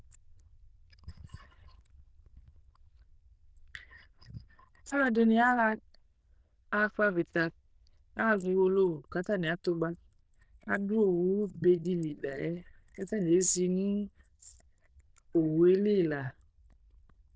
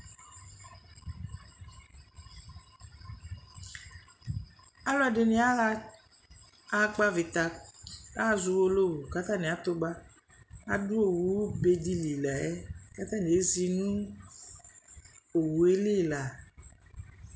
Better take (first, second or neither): second